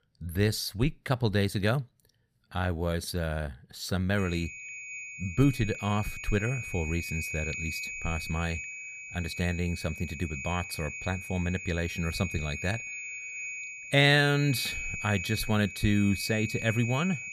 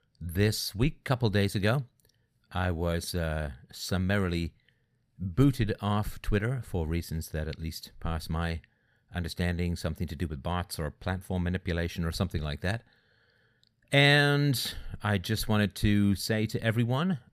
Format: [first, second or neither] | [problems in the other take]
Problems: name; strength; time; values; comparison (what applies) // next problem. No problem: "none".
second | high-pitched whine; loud; from 4 s on; 2.5 kHz, 7 dB below the speech